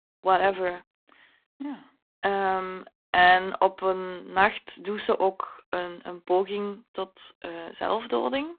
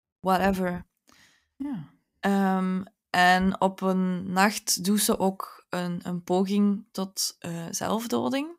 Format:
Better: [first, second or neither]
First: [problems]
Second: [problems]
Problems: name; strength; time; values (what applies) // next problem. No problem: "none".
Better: second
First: phone-call audio; poor line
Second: none